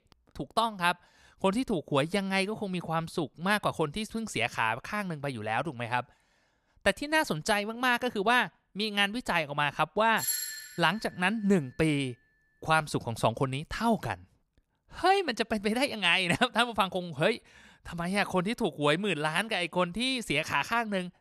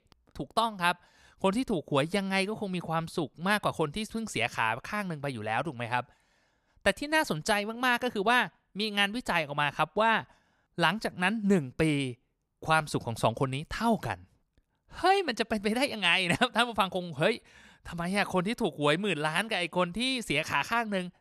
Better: second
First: doorbell; noticeable; at 10 s; peak 1 dB below the speech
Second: none

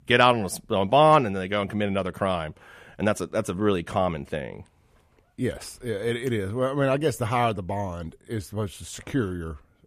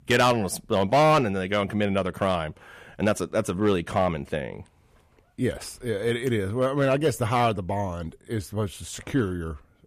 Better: first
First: none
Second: distortion; slight; 2% of the sound clipped

